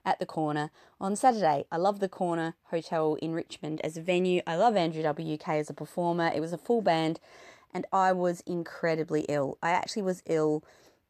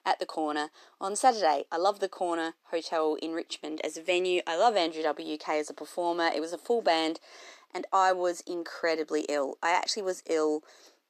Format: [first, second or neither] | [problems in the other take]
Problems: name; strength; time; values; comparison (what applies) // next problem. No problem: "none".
first | thin; somewhat; fading below 300 Hz